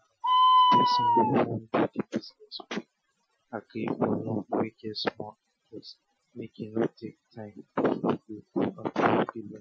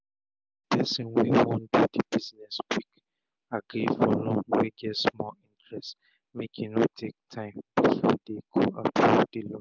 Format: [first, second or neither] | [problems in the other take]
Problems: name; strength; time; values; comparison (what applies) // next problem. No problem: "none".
second | noise reduction (classical method Wiener filter)